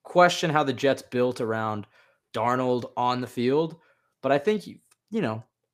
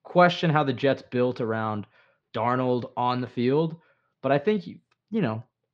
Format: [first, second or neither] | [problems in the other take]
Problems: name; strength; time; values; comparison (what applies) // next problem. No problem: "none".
first | muffled; very slightly; fading above 4.5 kHz